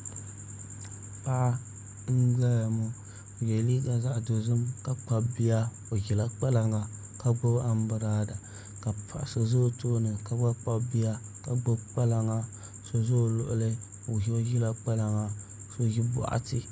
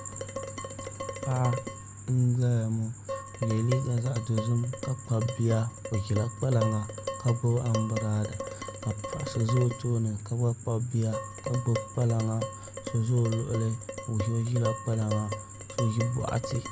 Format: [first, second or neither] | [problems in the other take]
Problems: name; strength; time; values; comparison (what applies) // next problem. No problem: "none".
first | background sound (Dishes, pots, and pans); 10 dB below the speech